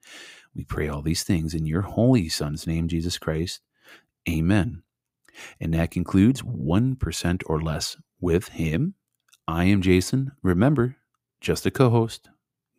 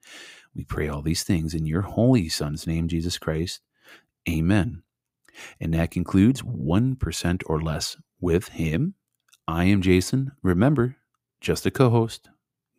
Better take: neither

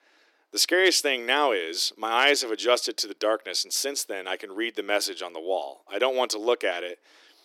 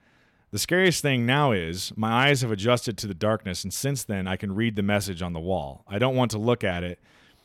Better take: second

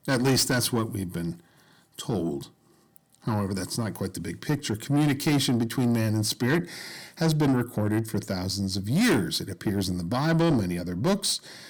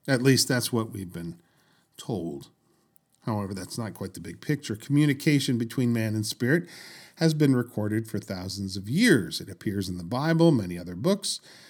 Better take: second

